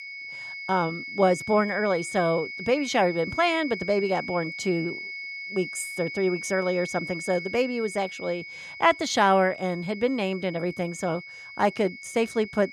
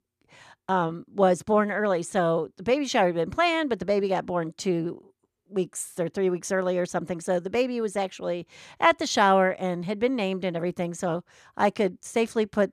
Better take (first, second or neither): second